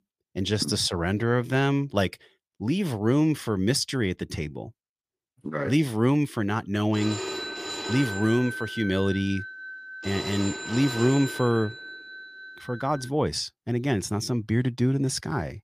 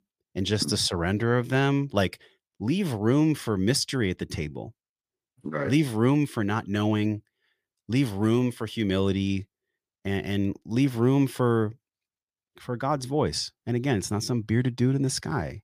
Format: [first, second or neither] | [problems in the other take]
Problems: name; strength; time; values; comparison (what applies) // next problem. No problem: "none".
second | phone ringing; noticeable; from 7 to 13 s; peak 5 dB below the speech